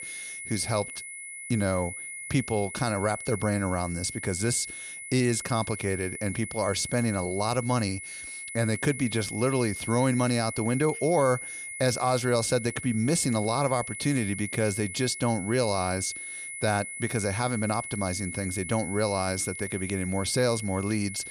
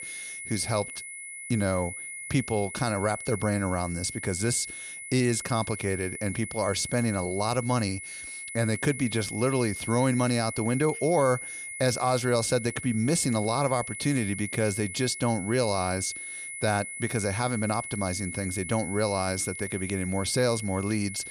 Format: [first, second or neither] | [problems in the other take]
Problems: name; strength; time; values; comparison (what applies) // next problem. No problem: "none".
neither | high-pitched whine; loud; throughout; 2 kHz, 8 dB below the speech; the same in both